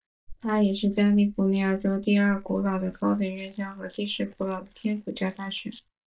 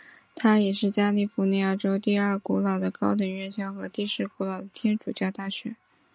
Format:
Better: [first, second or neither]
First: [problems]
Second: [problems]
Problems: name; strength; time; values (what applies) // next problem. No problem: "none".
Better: second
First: noise reduction (neural mask model DeepFilterNet 3)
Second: none